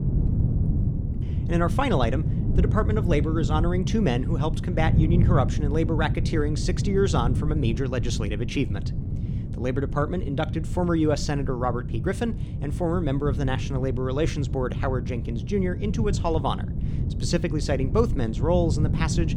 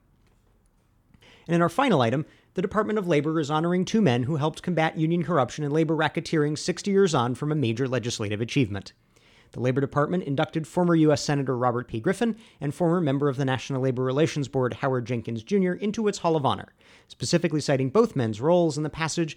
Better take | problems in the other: second | wind noise on the microphone; heavy; 10 dB below the speech

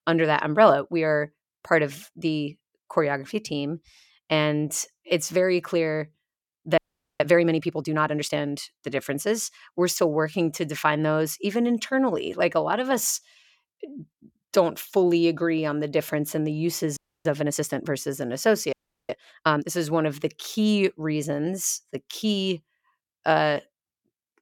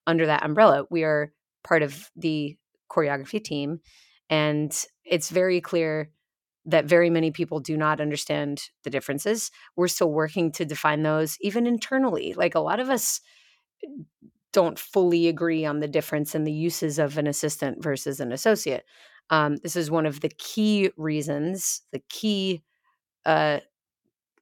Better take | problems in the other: second | audio freezing; at 7 s, at 17 s and at 19 s

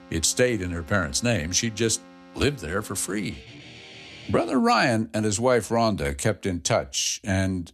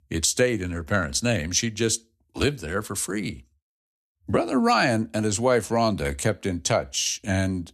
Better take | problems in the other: second | background music; faint; until 4.5 s; 20 dB below the speech

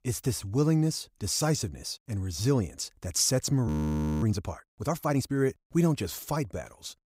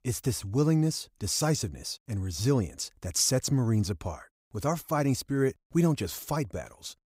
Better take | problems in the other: second | audio freezing; at 3.5 s for 0.5 s

